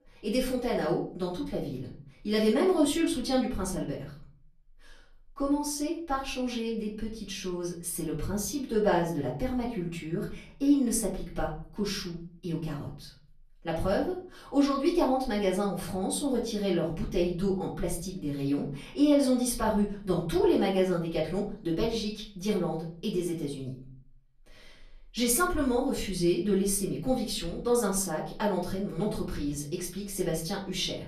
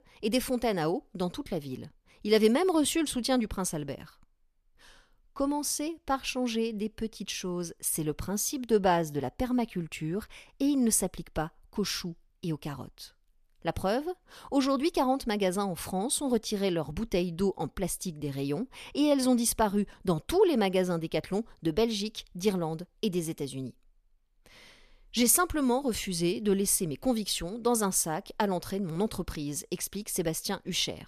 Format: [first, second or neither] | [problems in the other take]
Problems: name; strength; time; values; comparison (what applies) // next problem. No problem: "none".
second | off-mic speech; far // room echo; slight; dies away in 0.5 s